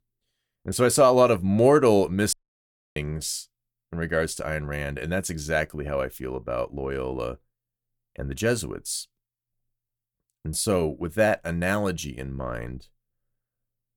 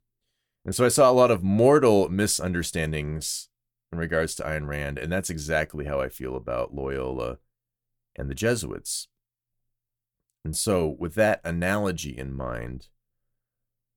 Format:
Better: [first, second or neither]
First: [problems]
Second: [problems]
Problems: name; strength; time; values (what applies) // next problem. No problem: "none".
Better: second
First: audio cutting out; at 2.5 s for 0.5 s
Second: none